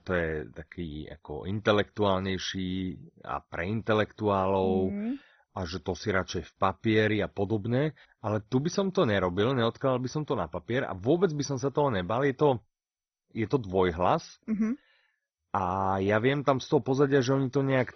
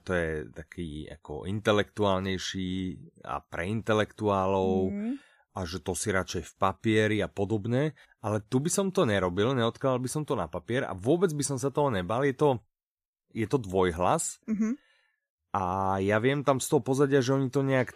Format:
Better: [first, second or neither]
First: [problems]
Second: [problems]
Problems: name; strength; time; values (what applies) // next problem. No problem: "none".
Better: second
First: garbled, watery; badly; nothing above 6 kHz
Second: none